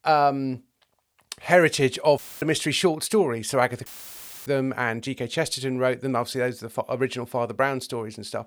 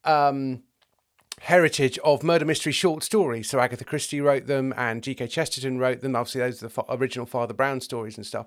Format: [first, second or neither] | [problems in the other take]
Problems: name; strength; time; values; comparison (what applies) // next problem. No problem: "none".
second | audio cutting out; filled with static; at 2 s and at 4 s for 0.5 s